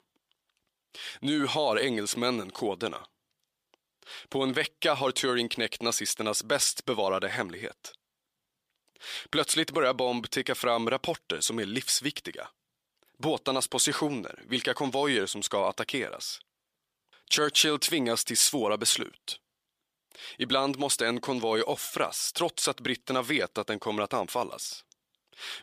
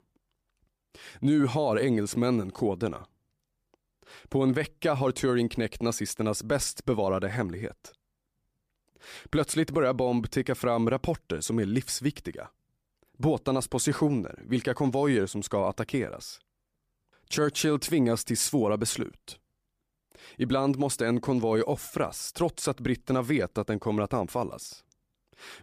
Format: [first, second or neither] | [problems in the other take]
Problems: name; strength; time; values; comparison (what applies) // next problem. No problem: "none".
second | thin; very slightly; fading below 800 Hz